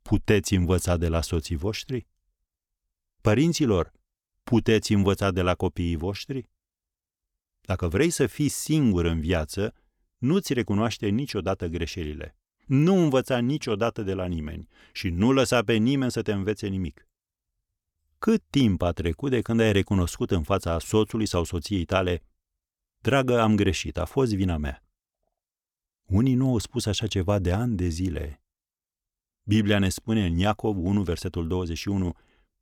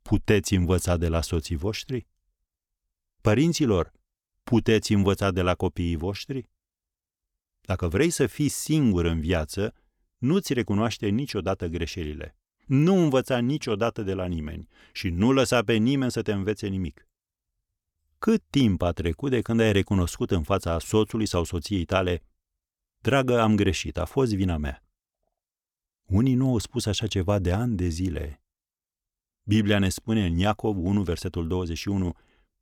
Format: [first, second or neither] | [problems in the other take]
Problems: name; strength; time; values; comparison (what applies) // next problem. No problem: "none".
neither | none